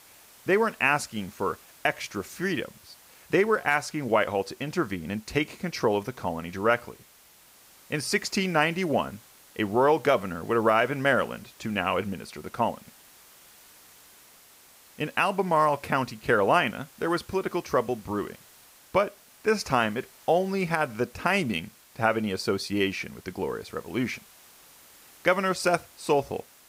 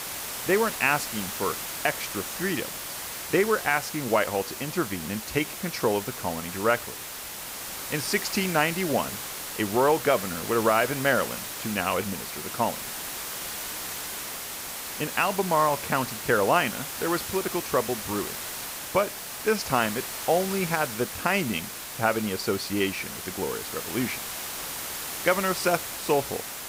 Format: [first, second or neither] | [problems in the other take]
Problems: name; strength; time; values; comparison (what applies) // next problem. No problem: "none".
first | hiss; loud; throughout; 6 dB below the speech; faint in the first